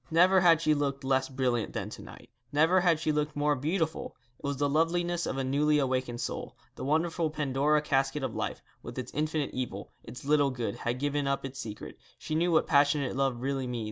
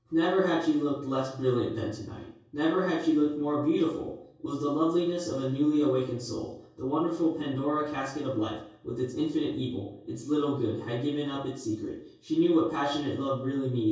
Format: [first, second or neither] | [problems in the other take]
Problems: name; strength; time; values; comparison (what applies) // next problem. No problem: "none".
first | room echo; dies away in 0.6 s